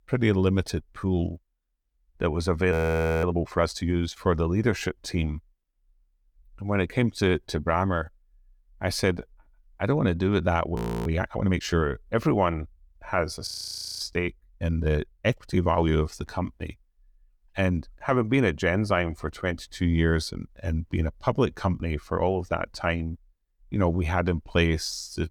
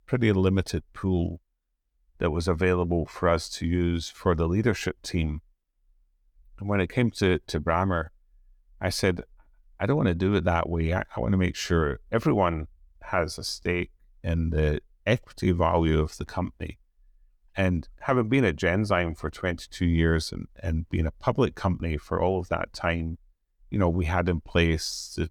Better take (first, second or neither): second